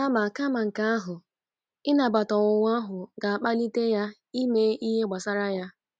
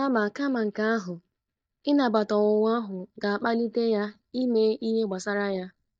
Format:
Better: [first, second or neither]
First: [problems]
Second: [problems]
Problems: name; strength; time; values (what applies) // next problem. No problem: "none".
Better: first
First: none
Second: noise reduction (neural mask model DeepFilterNet 3)